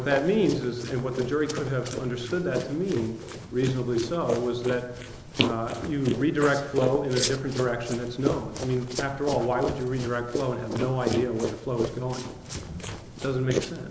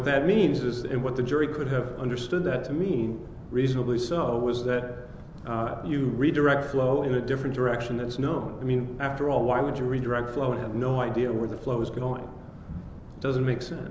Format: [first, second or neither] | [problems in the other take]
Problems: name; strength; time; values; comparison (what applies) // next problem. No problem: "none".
second | noise reduction (neural mask model Resemble Enhance denoiser)